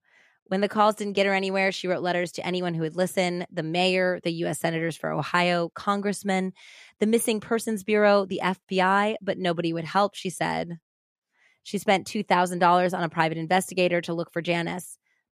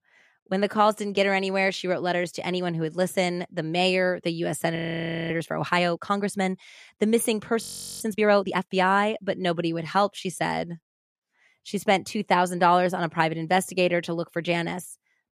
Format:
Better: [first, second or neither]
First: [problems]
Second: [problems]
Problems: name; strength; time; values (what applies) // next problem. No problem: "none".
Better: first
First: none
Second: audio freezing; at 5 s for 0.5 s and at 7.5 s